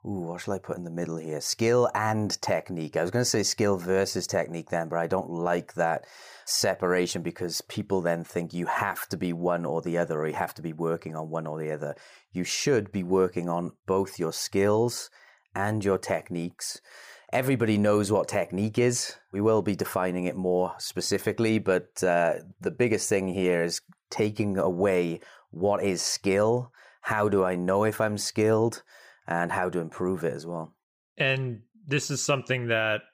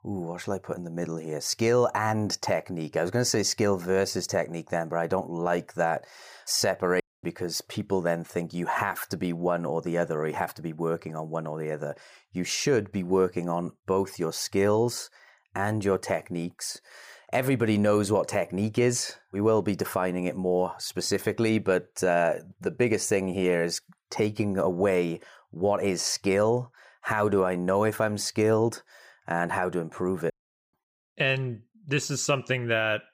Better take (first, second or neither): first